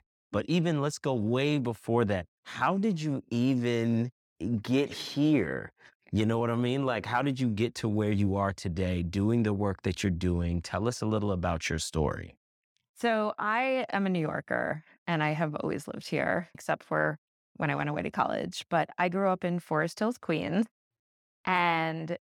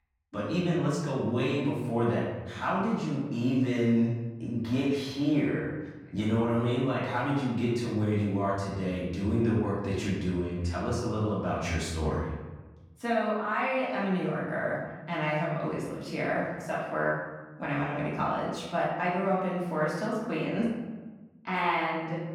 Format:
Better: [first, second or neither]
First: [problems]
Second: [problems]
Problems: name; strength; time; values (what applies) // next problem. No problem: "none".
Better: first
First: none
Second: room echo; noticeable; dies away in 1.1 s // off-mic speech; far